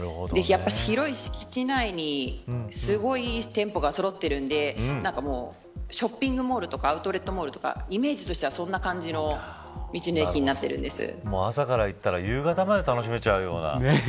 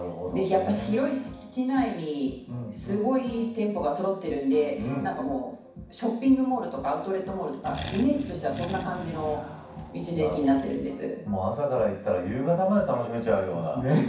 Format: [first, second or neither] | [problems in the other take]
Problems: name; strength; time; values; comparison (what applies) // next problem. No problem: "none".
first | background sound (Accelerating, revving, vroom); 12 dB below the speech // room echo; dies away in 0.6 s